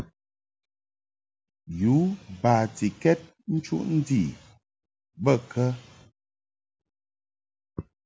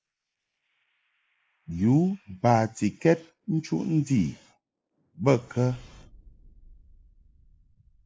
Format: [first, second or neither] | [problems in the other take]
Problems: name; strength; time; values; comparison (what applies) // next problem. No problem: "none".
first | noise reduction (neural mask model Resemble Enhance denoiser)